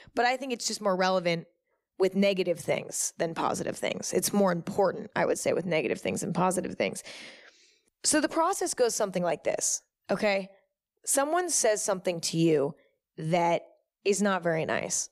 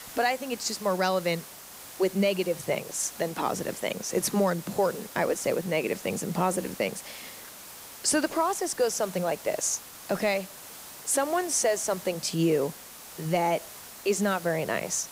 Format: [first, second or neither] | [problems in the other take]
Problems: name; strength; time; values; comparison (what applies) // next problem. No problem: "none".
first | hiss; noticeable; throughout; 15 dB below the speech